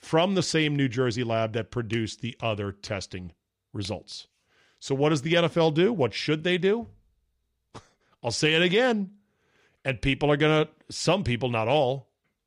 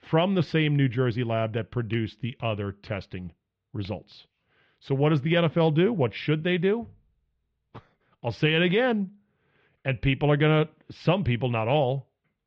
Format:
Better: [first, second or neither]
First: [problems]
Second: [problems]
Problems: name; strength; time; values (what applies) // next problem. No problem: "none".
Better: first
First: none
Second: muffled; slightly; fading above 3.5 kHz